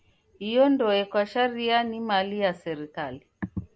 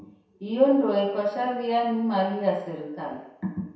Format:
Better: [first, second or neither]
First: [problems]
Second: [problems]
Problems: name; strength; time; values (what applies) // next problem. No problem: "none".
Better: first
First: none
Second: room echo; dies away in 0.7 s